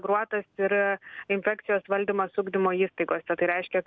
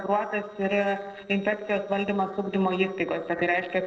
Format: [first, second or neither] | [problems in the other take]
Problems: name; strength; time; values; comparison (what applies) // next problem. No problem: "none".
first | noise reduction (neural separator model SepFormer DNS4)